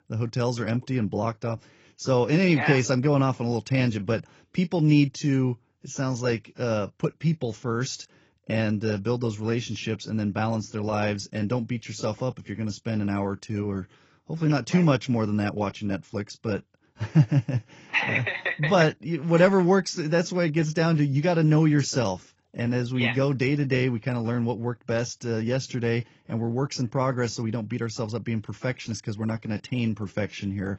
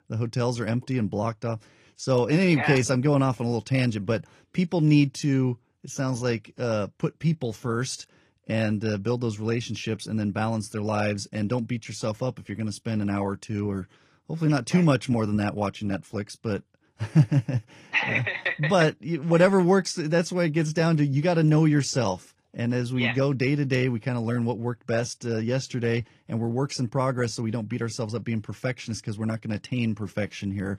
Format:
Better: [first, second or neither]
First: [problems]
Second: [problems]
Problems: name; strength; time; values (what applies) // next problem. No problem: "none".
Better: second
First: garbled, watery; badly; nothing above 7 kHz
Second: garbled, watery; slightly; nothing above 14.5 kHz